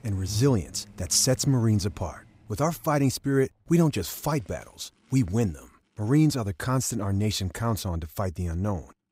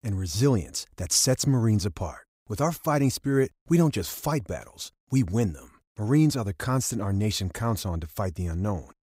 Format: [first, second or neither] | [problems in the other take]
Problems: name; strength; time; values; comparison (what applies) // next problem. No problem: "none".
second | traffic noise; faint; throughout; 20 dB below the speech